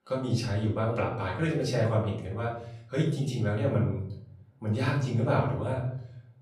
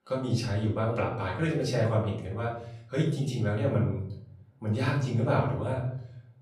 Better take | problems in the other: neither | off-mic speech; far; the same in both // room echo; noticeable; dies away in 0.7 s; the same in both

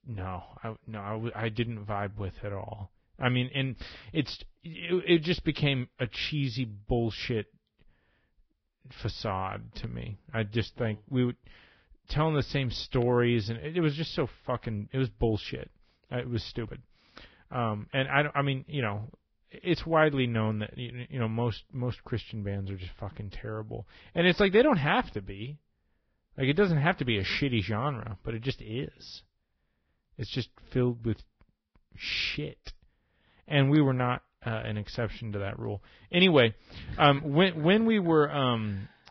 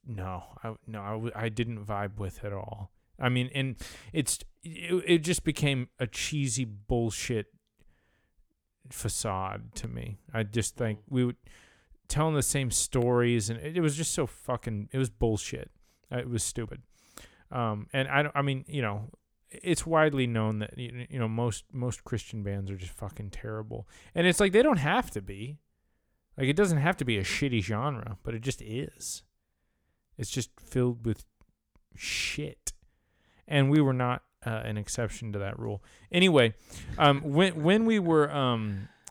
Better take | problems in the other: second | garbled, watery; badly; nothing above 5.5 kHz

